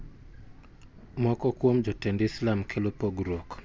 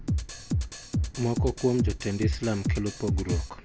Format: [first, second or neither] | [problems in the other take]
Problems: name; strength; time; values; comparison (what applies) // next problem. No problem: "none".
first | background sound (Drum kit); 1 dB above the speech